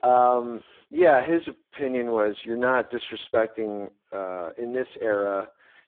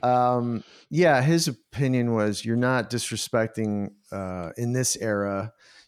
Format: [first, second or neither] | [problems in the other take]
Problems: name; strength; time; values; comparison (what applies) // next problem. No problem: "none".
second | phone-call audio; poor line